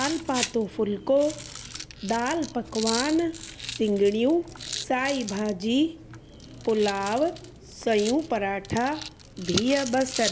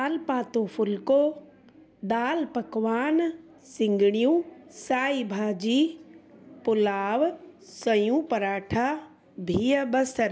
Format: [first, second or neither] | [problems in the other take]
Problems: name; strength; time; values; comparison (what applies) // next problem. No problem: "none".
second | background sound (Rattle); 11 dB below the speech